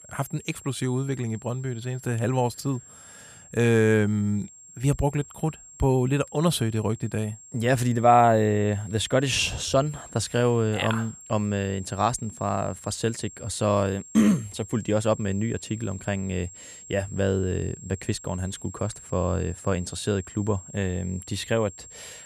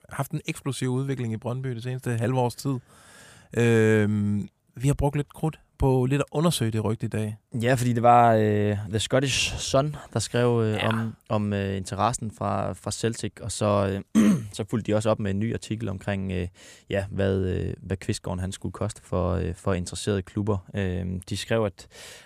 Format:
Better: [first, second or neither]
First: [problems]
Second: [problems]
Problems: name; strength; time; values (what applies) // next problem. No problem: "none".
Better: second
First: high-pitched whine; noticeable; throughout; 7.5 kHz, 20 dB below the speech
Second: none